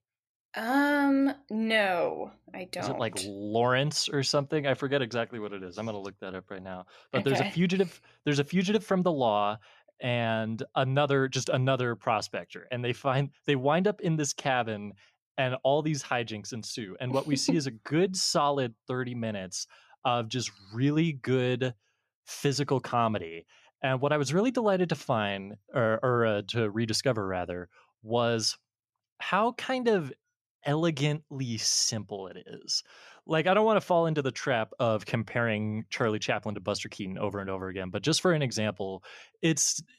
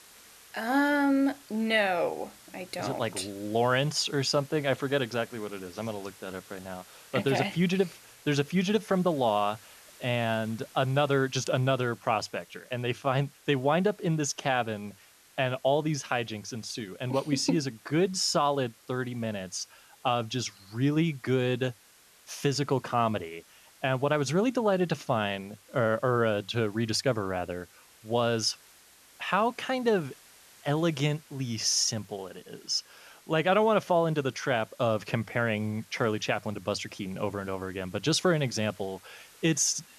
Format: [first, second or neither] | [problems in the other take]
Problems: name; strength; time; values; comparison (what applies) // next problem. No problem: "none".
first | hiss; faint; throughout; 25 dB below the speech